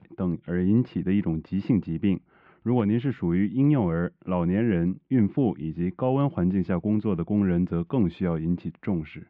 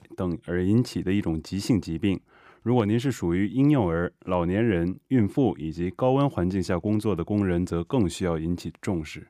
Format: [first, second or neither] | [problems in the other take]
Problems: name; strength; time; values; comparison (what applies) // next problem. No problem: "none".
second | muffled; very; fading above 3 kHz